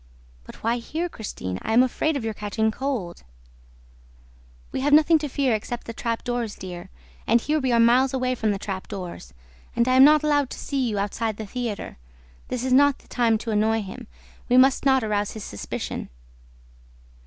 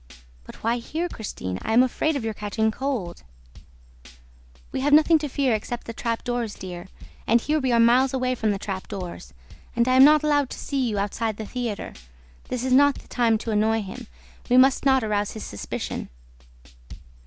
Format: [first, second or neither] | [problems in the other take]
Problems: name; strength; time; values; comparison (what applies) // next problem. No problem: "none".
first | background sound (Tambourine / Drum / Drum kit); 20 dB below the speech